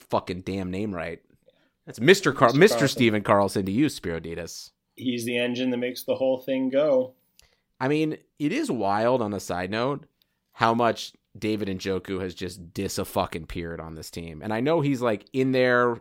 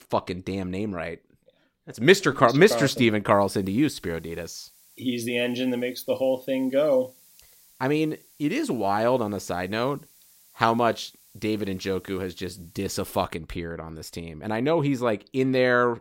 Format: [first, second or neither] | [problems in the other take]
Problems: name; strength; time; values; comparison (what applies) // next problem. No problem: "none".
first | hiss; faint; from 3.5 to 13 s; 30 dB below the speech